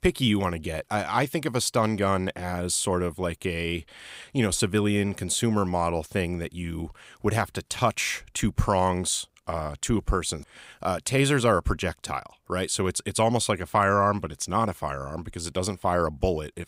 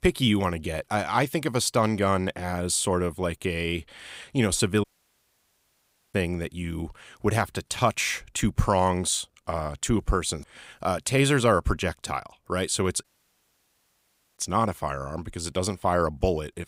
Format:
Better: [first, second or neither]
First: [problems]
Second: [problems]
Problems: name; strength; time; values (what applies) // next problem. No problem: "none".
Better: first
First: none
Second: audio cutting out; at 5 s for 1.5 s and at 13 s for 1.5 s